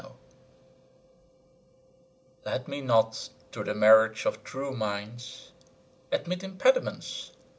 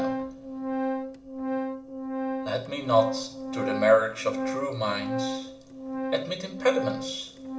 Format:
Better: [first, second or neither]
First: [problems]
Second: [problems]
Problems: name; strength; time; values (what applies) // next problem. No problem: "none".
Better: first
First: none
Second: background sound (Organ); 3 dB below the speech // room echo; dies away in 0.8 s